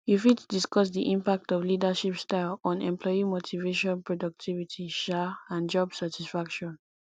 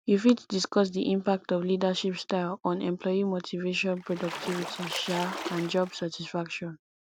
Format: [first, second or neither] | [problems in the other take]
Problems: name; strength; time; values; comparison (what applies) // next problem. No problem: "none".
first | background sound (Splash, splatter); 10 dB below the speech